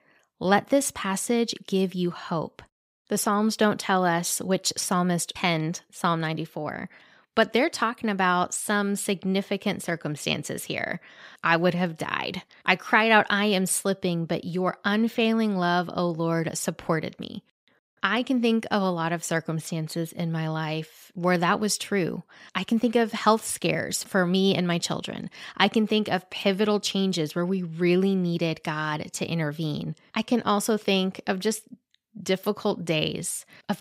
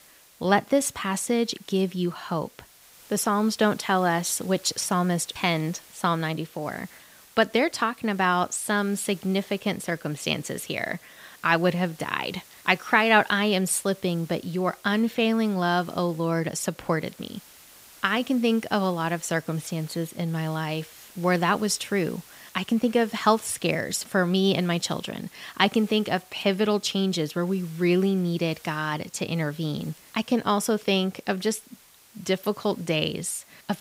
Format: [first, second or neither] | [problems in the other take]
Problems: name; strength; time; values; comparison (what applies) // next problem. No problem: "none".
first | hiss; faint; throughout; 25 dB below the speech